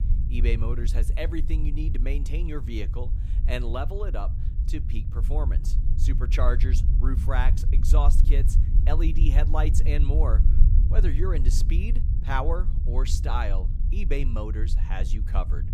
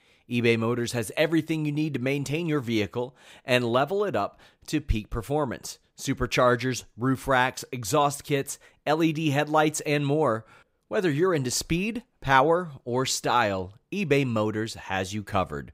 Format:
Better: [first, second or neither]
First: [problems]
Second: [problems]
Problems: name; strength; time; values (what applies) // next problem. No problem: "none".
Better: second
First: low rumble; loud; throughout; 9 dB below the speech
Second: none